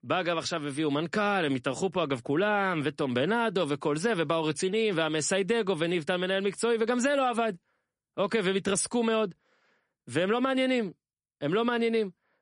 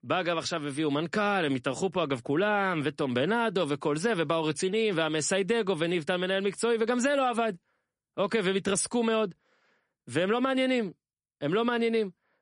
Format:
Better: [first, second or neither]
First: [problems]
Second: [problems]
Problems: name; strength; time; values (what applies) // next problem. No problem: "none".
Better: neither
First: garbled, watery; slightly; nothing above 10.5 kHz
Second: garbled, watery; slightly; nothing above 10.5 kHz